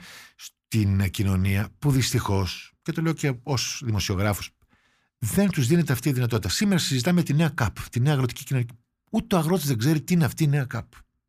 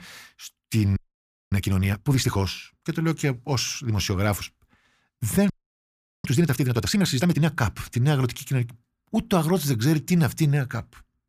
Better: first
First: none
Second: audio freezing; at 1 s for 0.5 s and at 5.5 s for 0.5 s

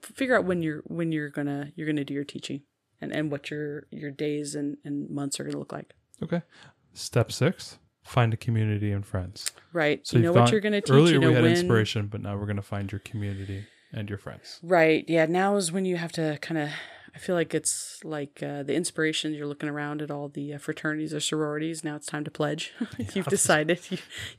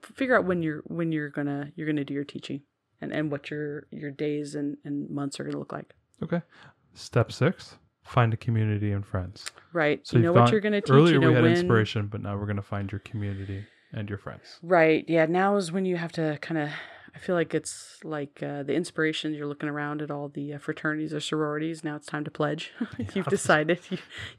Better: first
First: none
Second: muffled; very slightly; fading above 3 kHz

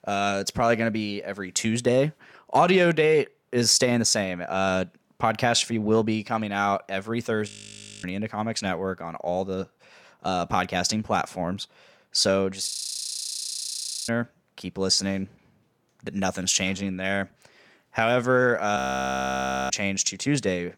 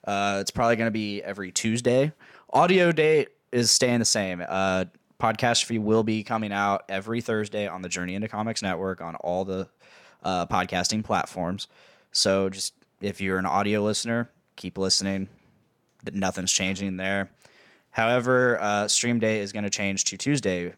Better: second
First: audio freezing; at 7.5 s for 0.5 s, at 13 s for 1.5 s and at 19 s for 1 s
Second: none

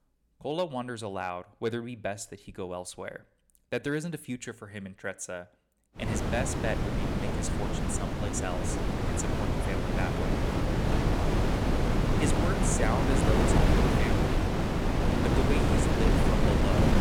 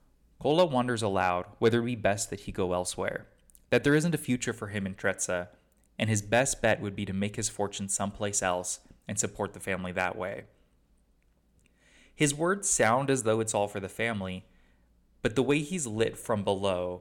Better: second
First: wind noise on the microphone; heavy; from 6 s on; 4 dB above the speech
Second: none

